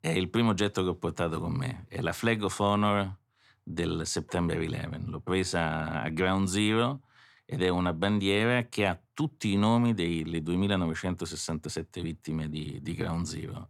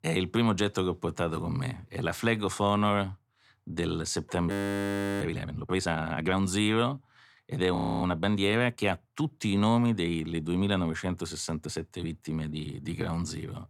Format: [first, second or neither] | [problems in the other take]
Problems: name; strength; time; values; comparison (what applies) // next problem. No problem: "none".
first | audio freezing; at 4.5 s for 0.5 s and at 8 s